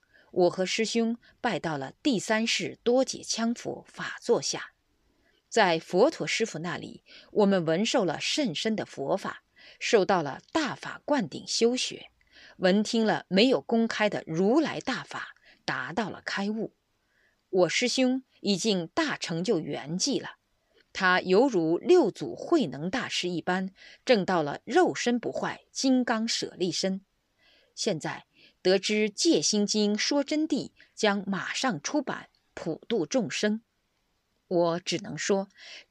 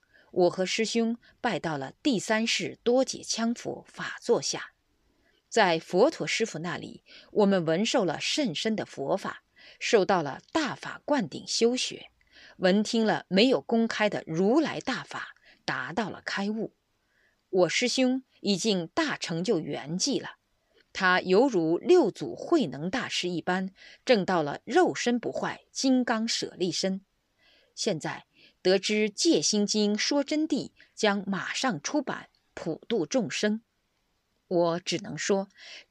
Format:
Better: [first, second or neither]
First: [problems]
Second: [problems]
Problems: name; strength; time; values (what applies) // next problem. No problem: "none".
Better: neither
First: none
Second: none